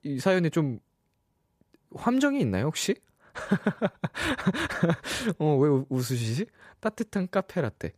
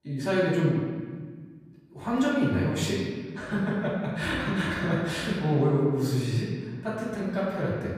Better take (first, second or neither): first